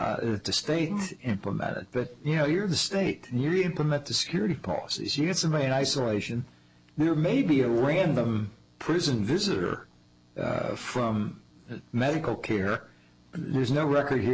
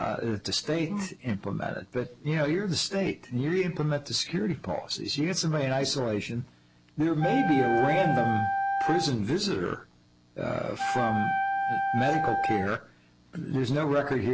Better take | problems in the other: first | background sound (Wind instrument, woodwind instrument); 1 dB below the speech

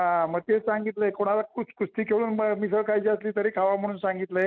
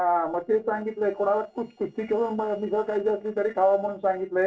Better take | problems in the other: first | noise reduction (neural separator model SepFormer DNS4)

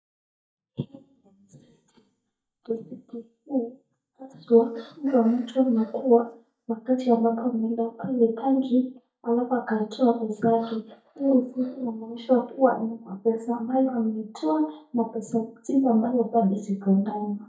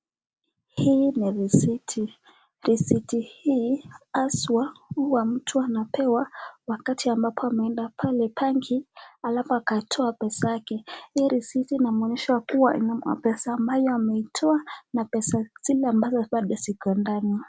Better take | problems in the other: second | noise reduction (neural mask model DeepFilterNet 3)

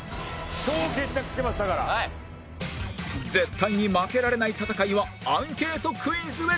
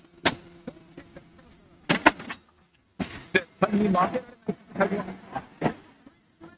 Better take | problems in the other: first | noise reduction (neural mask model RNNoise)

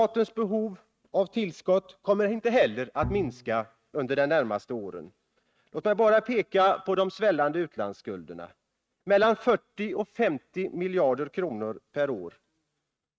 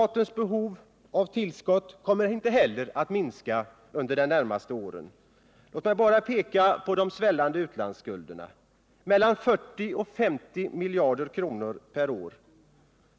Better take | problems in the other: second | noise reduction (neural mask model RNNoise)

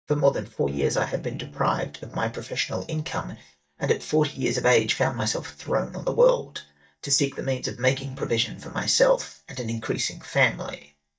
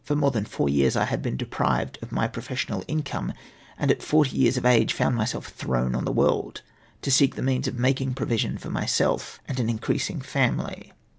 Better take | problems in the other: second | noise reduction (neural mask model DeepFilterNet 3)

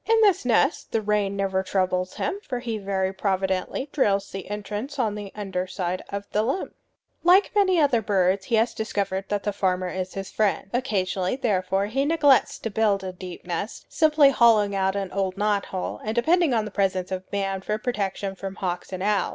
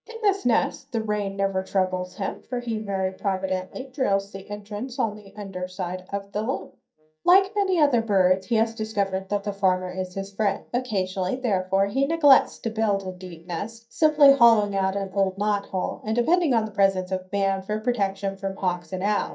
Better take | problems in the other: first | noise reduction (neural mask model DeepFilterNet 3)

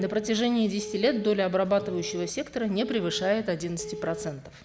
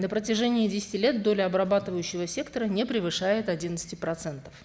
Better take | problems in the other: second | background sound (Telephone); 13 dB below the speech

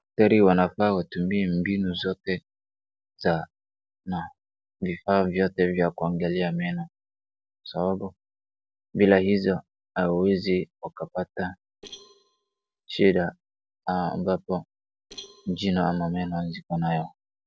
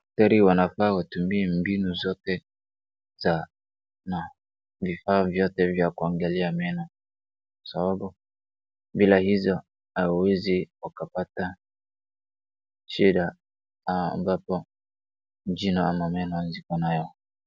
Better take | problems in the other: second | noise reduction (neural separator model SepFormer DNS4)

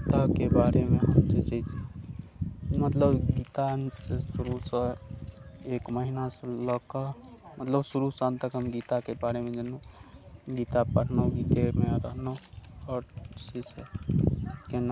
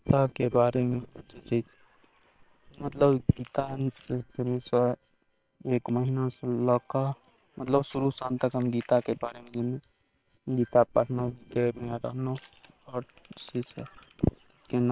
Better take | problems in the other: first | noise reduction (neural separator model SepFormer WHAM!)

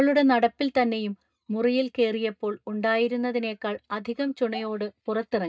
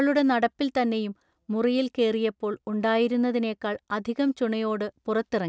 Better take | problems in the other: second | noise reduction (neural mask model DeepFilterNet 3)

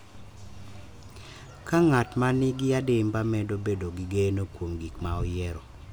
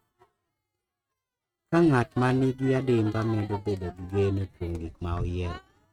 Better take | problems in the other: first | noise reduction (neural mask model RNNoise)

